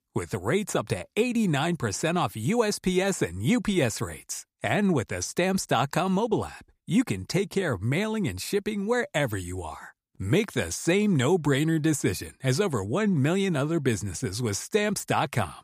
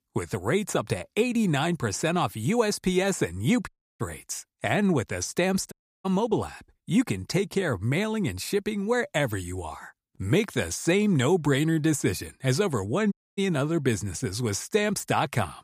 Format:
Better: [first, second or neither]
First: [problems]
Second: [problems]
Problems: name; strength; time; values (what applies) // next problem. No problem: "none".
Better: first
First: none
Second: audio cutting out; at 3.5 s, at 5.5 s and at 13 s